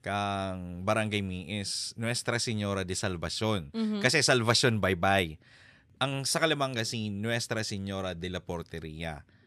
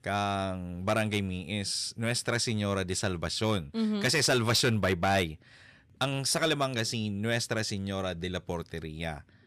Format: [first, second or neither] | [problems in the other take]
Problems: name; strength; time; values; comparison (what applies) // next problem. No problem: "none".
first | distortion; slight; 3% of the sound clipped